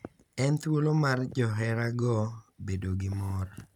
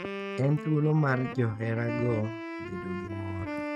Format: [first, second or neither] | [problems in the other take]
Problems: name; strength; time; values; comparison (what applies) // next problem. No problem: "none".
first | noise reduction (neural mask model RNNoise)